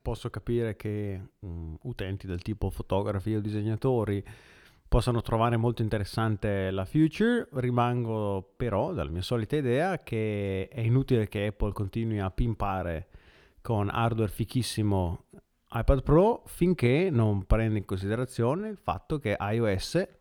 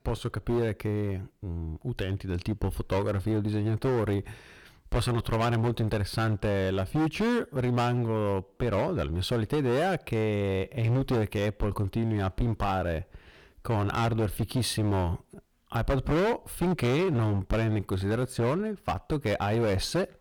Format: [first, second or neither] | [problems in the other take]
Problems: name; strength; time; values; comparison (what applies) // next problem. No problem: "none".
first | distortion; heavy; 16% of the sound clipped